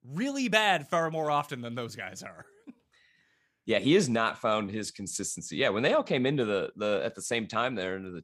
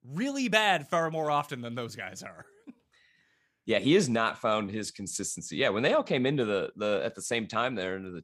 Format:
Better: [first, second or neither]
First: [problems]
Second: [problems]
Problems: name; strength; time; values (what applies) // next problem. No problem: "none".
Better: neither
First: none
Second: none